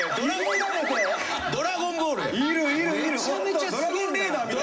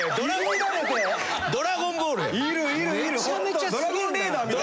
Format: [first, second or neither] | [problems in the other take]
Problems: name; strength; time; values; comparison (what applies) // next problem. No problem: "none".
second | room echo; dies away in 0.5 s